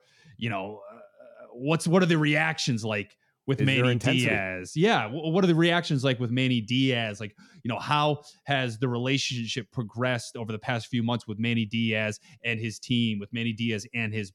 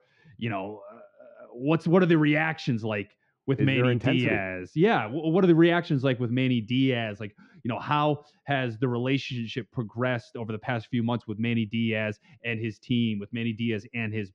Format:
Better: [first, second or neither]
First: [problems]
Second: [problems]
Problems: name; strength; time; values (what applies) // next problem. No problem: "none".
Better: first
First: none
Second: muffled; slightly; fading above 2.5 kHz